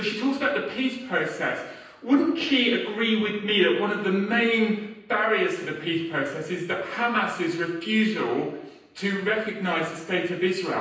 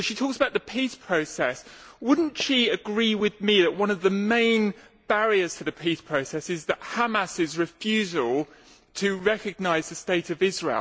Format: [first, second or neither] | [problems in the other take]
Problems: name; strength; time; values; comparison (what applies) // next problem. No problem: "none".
second | room echo; dies away in 0.9 s